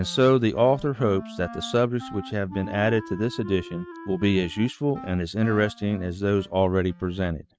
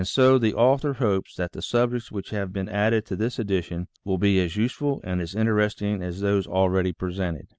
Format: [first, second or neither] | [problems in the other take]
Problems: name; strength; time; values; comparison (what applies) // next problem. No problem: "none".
second | noise reduction (neural mask model RNNoise)